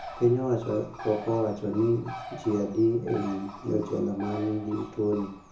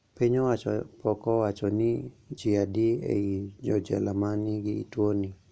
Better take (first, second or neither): second